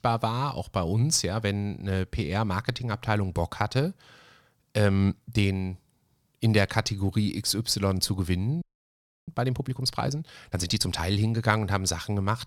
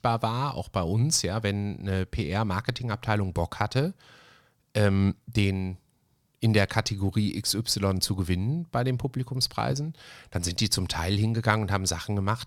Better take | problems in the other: second | audio freezing; at 8.5 s for 0.5 s

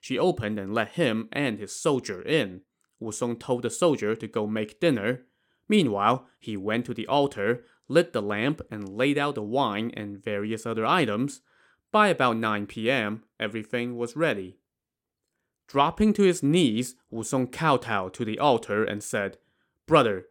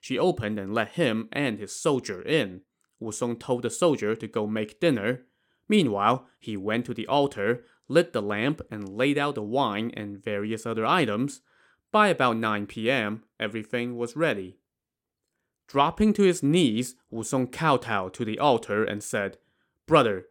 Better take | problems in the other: neither | none

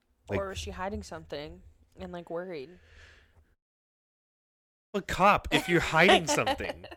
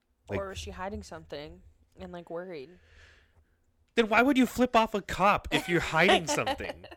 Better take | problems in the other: second | audio cutting out; at 3.5 s for 1.5 s

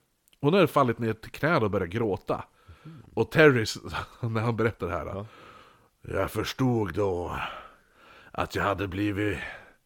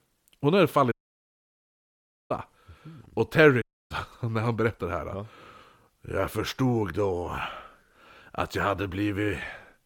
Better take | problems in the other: first | audio cutting out; at 1 s for 1.5 s and at 3.5 s

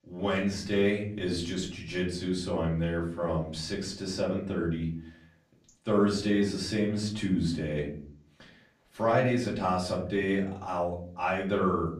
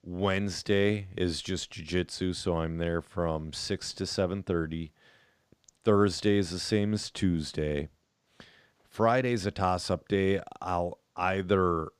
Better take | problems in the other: second | room echo; slight; dies away in 0.5 s // off-mic speech; far

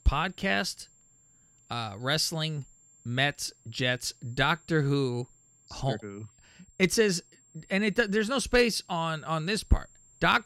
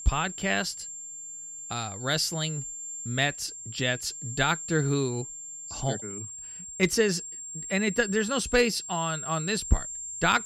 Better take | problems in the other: first | high-pitched whine; loud; throughout; 7.5 kHz, 8 dB below the speech; faint in the first

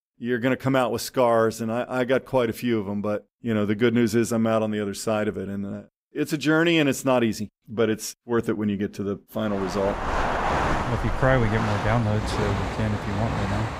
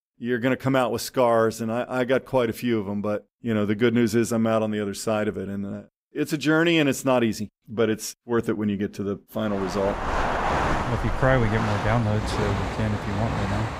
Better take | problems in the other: neither | rain or running water; loud; from 9.5 s on; 3 dB below the speech; the same in both

